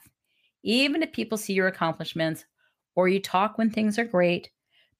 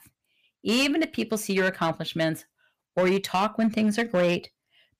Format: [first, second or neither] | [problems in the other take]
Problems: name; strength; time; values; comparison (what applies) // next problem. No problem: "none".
first | distortion; slight; 6% of the sound clipped